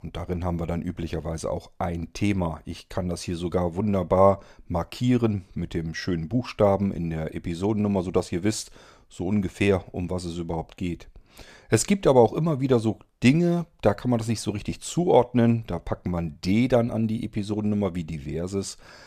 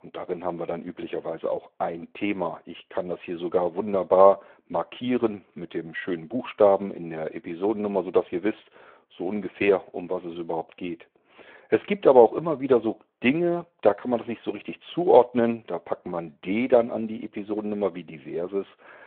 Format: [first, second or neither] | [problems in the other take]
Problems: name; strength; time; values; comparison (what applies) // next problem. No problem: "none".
first | phone-call audio